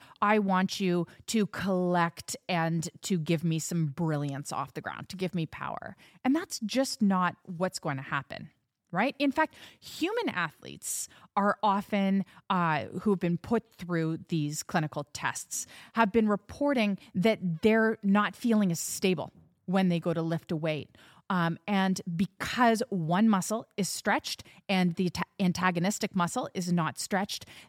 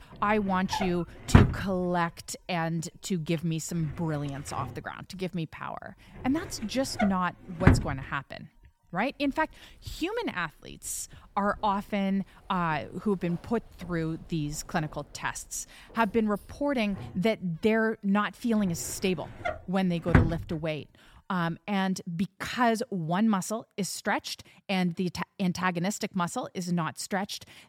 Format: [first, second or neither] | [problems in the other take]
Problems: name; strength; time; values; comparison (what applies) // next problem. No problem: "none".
first | household noises; very loud; until 22 s; 1 dB above the speech